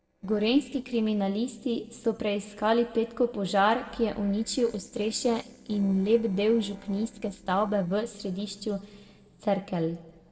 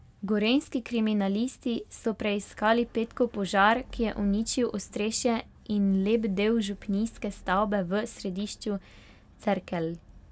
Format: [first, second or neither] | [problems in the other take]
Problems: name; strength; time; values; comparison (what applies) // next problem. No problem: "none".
second | noise reduction (neural separator model SepFormer DNS4)